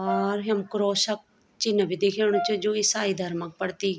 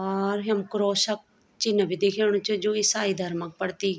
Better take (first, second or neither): second